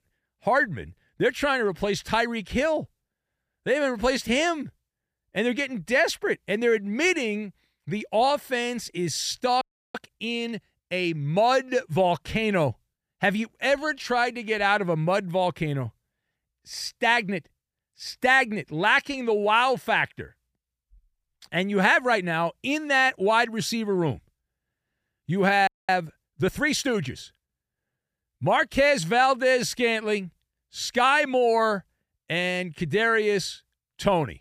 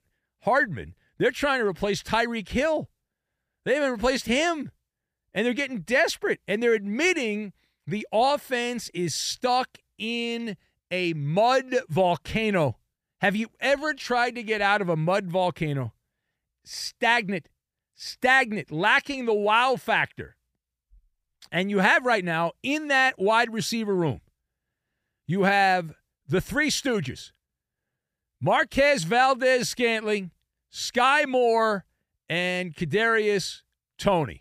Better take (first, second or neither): second